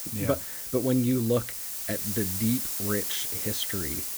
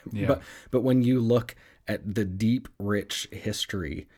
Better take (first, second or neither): second